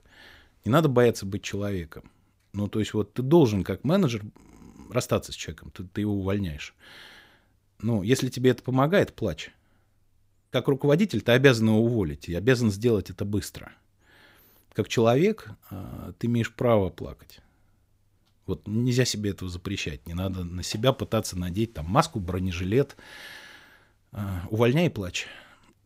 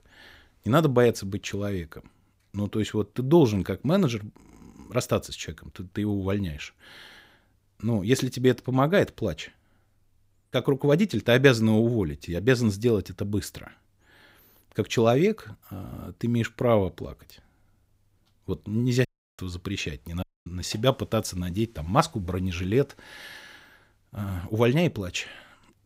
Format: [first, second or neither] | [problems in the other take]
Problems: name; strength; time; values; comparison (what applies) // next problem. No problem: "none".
first | audio cutting out; at 19 s and at 20 s